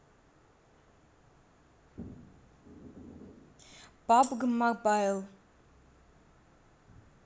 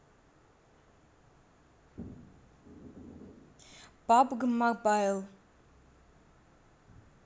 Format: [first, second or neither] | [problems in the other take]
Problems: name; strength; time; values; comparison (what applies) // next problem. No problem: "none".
second | background sound (Tambourine); 17 dB below the speech